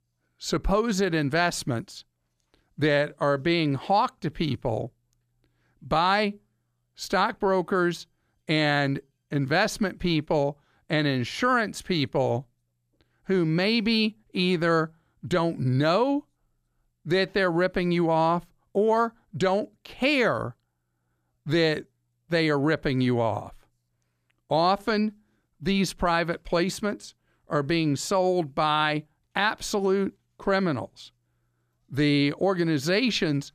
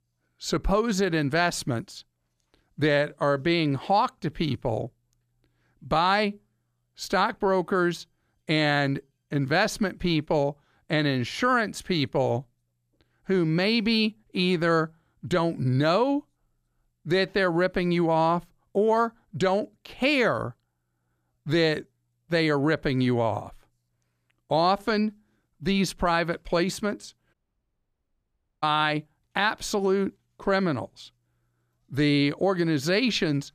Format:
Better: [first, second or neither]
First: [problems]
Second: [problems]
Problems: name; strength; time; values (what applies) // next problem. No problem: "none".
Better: first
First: none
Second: audio cutting out; at 27 s for 1.5 s